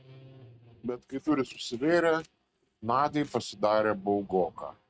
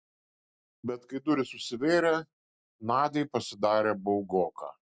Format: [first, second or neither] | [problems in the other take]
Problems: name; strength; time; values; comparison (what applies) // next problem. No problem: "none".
second | noise reduction (neural mask model RNNoise)